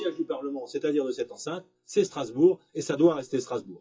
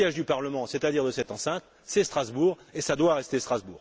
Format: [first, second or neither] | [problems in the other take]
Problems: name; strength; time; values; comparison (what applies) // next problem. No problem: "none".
second | noise reduction (classical method WPE with log-MMSE)